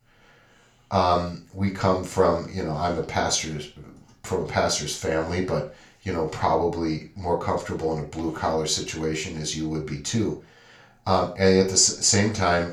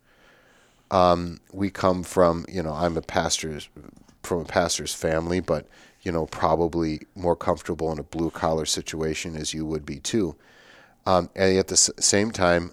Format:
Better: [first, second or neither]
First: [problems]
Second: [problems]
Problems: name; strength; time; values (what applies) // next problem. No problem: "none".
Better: second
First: room echo; slight; dies away in 0.3 s // off-mic speech; somewhat distant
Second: none